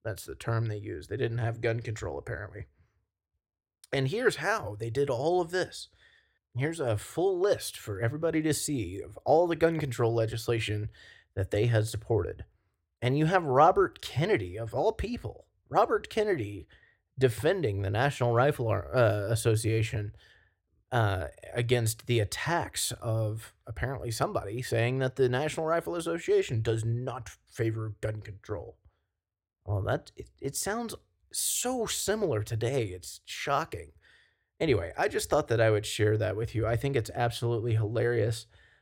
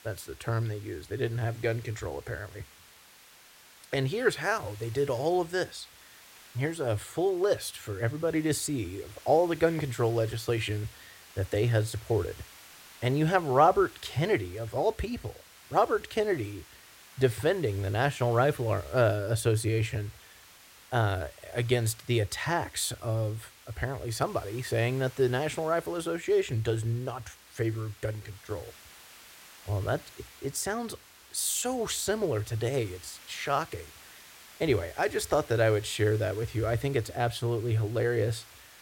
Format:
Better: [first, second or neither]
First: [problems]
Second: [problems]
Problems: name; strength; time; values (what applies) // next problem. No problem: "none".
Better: first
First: none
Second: hiss; faint; throughout; 20 dB below the speech